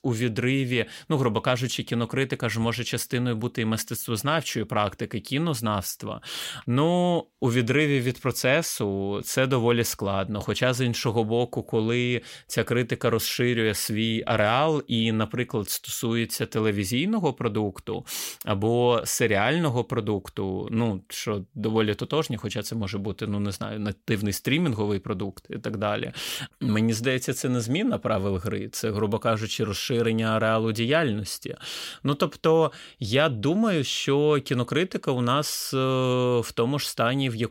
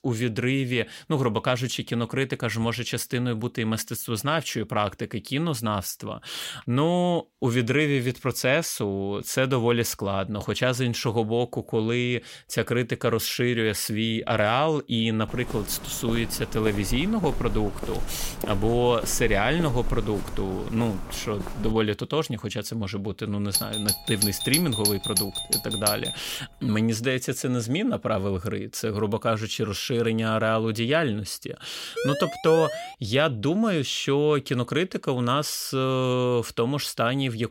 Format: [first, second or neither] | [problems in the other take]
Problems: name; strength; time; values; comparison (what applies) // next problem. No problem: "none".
first | footsteps; noticeable; from 15 to 22 s; peak 8 dB below the speech // doorbell; loud; from 24 to 26 s; peak 3 dB above the speech // siren; noticeable; at 32 s; peak 4 dB below the speech